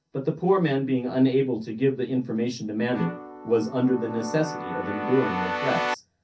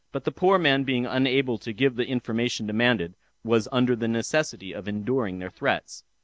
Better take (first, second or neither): second